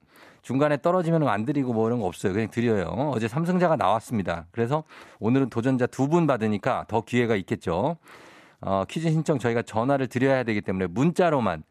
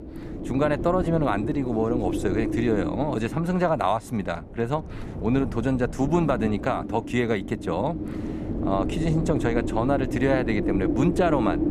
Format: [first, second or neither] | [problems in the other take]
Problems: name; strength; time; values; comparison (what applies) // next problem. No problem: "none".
first | wind noise on the microphone; heavy; 7 dB below the speech